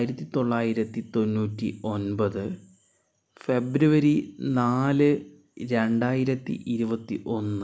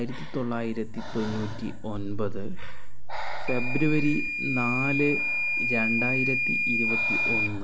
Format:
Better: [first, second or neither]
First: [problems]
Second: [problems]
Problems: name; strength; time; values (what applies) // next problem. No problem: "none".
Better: first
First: none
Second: background sound (Breathing + Microwave oven / Alarm); 3 dB above the speech